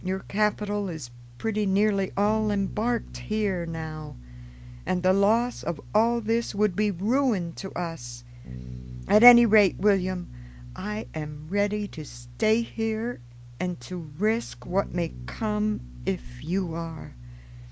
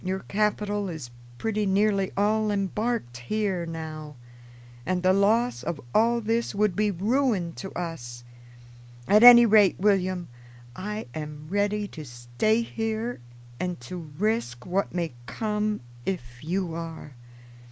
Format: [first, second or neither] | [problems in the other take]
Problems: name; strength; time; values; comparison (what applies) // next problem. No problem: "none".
second | background sound (Bass guitar); 16 dB below the speech